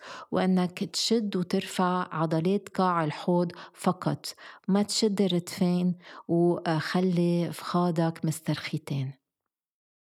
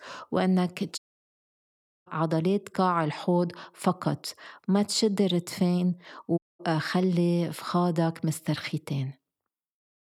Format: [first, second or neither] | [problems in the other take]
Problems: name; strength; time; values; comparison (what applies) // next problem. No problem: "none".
first | audio cutting out; at 1 s for 1 s and at 6.5 s